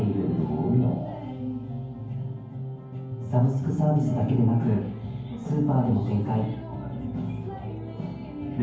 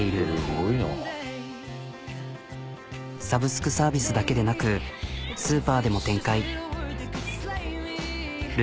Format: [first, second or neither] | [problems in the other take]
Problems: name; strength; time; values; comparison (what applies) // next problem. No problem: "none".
second | background sound (Bass guitar); 12 dB below the speech // room echo; dies away in 0.9 s